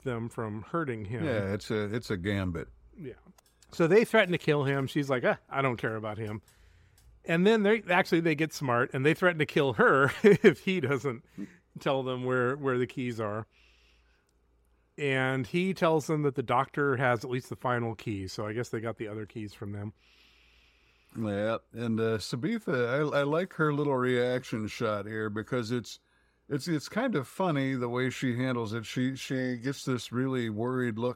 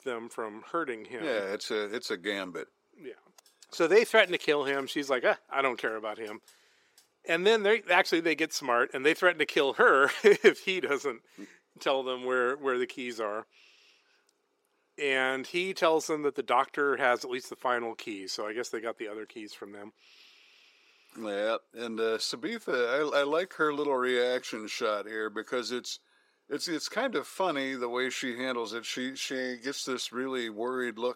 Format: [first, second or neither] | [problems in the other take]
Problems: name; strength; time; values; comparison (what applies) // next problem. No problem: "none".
first | thin; somewhat; fading below 350 Hz